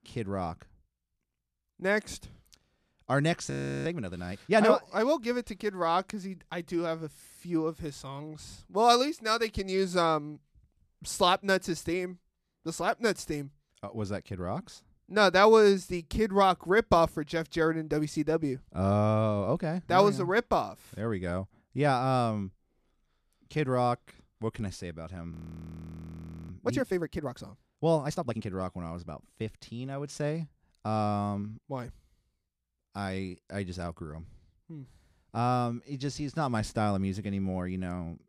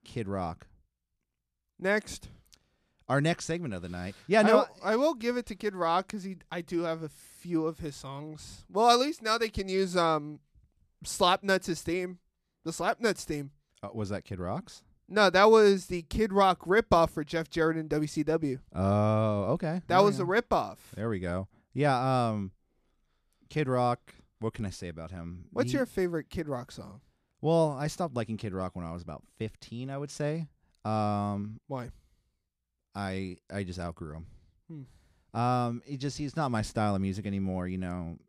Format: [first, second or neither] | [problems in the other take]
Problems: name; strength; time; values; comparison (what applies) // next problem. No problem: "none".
second | audio freezing; at 3.5 s and at 25 s for 1 s